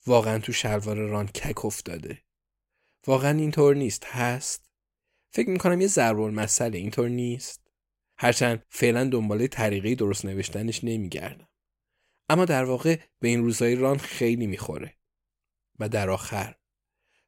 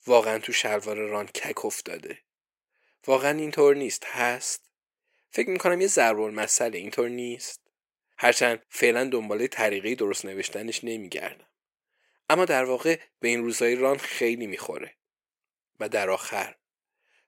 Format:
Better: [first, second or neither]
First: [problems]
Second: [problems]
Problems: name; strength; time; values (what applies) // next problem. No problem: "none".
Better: first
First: none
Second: thin; somewhat; fading below 400 Hz